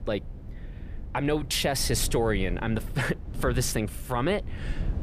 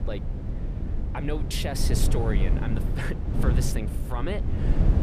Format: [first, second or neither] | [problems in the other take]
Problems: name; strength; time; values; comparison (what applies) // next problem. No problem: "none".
first | wind noise on the microphone; heavy; 4 dB below the speech; occasional gusts in the first